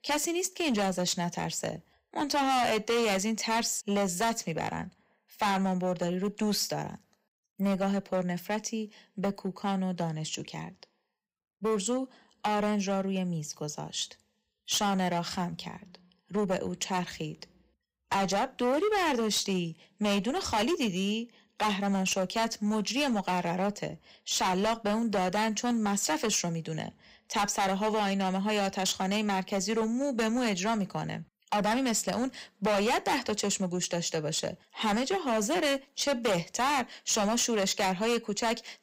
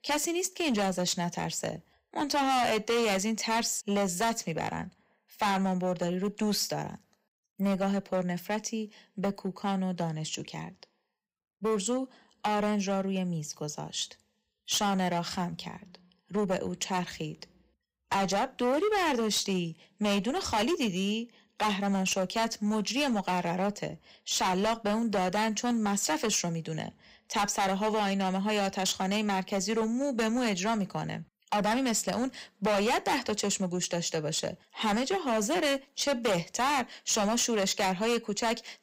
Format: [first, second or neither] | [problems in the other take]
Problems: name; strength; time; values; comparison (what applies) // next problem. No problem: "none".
neither | distortion; heavy; 13% of the sound clipped; the same in both